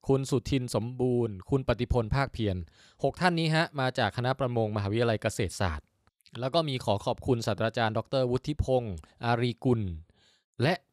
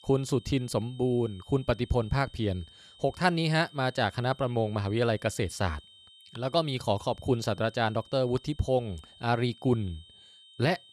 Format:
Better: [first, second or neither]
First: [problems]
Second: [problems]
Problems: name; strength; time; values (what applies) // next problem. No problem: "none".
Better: first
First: none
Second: high-pitched whine; faint; throughout; 3 kHz, 25 dB below the speech